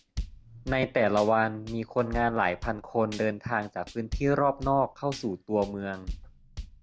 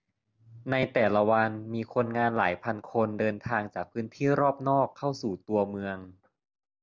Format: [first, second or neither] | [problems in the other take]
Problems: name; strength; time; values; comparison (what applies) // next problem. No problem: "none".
second | background sound (Drum / Drum kit); 13 dB below the speech